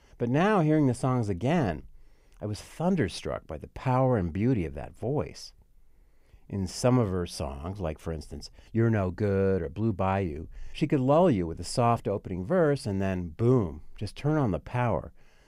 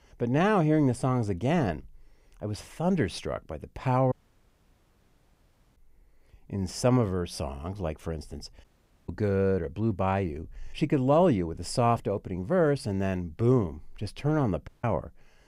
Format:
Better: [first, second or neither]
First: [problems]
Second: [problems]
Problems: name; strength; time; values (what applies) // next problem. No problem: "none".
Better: first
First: none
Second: audio cutting out; at 4 s for 1.5 s, at 8.5 s and at 15 s